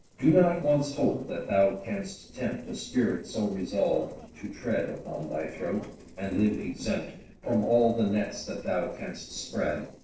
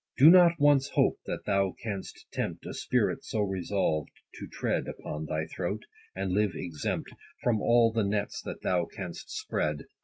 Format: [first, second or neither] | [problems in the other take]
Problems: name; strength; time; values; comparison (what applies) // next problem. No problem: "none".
second | noise reduction (neural separator model SepFormer DNS4)